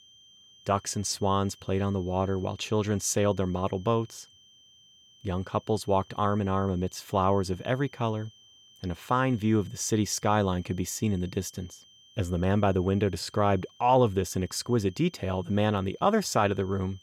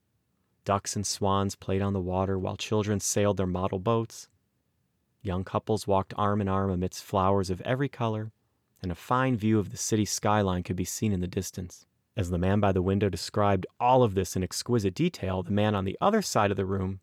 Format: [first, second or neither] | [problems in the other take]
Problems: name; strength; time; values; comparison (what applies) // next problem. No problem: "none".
second | high-pitched whine; faint; throughout; 3 kHz, 25 dB below the speech